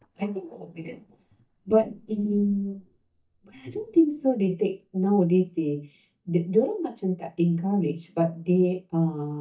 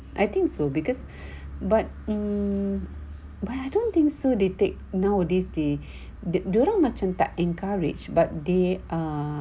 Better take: second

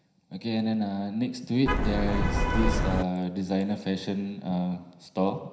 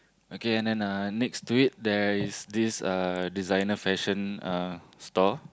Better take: second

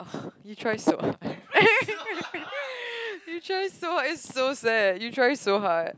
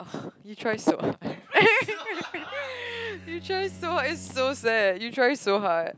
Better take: first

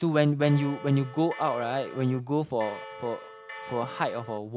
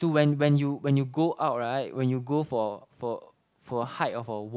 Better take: second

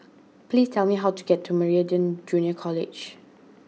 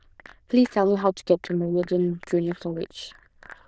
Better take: first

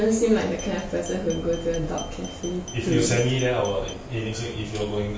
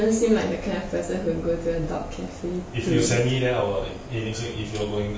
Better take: second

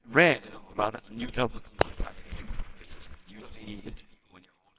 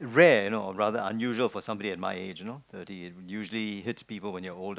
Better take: second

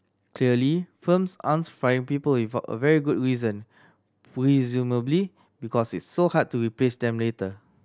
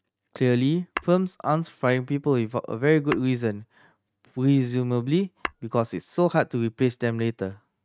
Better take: first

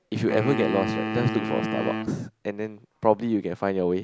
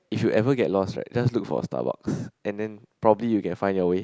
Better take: second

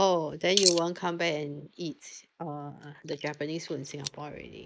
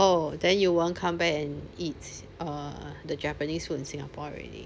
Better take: second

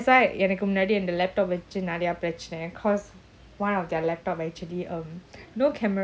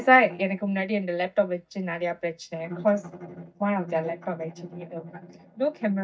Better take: first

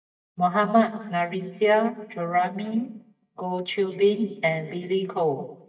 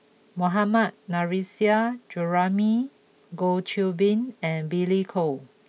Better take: second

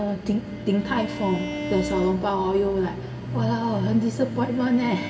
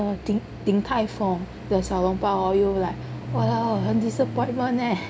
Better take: second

